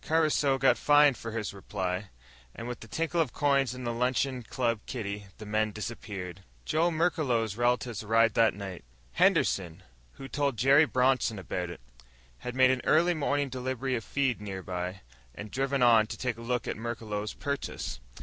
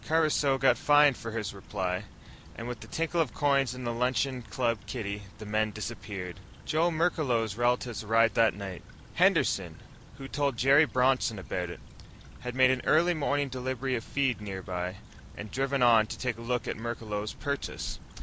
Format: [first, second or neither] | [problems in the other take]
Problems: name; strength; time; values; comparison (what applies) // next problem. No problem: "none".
first | background sound (Stream / Trickle, dribble); 19 dB below the speech